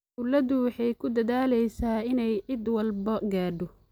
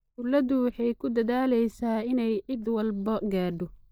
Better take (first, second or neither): first